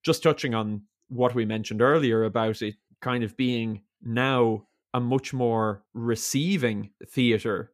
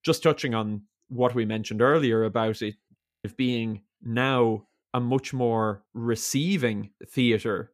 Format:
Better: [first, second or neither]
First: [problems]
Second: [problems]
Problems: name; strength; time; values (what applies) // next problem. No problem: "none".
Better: first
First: none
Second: audio freezing; at 3 s